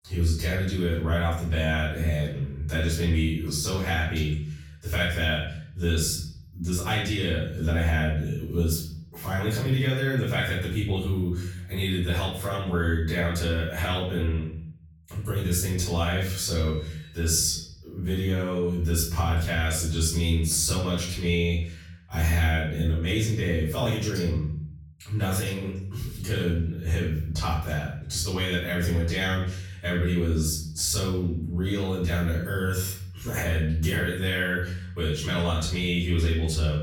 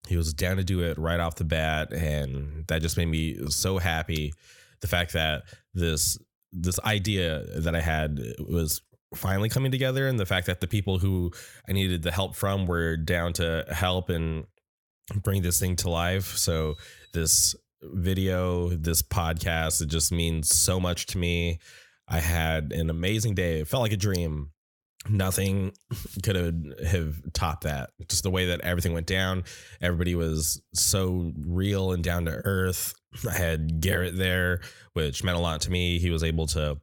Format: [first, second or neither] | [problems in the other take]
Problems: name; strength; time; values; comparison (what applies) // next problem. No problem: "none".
second | off-mic speech; far // room echo; noticeable; dies away in 0.6 s